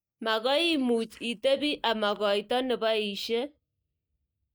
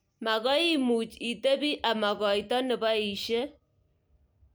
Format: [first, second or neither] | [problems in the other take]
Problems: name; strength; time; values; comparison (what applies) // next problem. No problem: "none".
second | noise reduction (neural mask model DeepFilterNet 3)